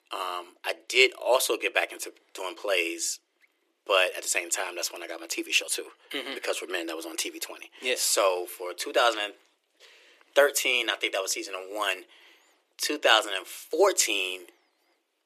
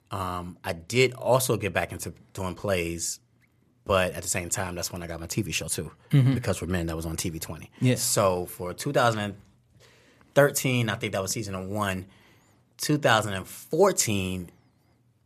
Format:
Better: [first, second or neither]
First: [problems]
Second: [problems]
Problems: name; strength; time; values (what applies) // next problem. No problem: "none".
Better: second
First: thin; very; fading below 350 Hz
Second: none